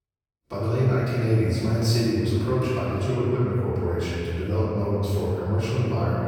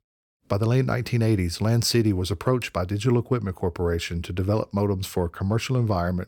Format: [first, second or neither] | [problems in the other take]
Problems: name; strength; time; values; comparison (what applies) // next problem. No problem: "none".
second | off-mic speech; far // room echo; strong; dies away in 2.6 s